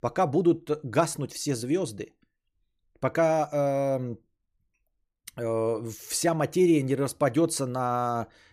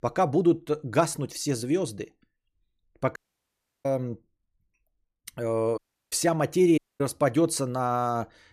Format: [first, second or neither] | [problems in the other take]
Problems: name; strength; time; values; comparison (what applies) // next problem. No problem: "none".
first | audio cutting out; at 3 s for 0.5 s, at 6 s and at 7 s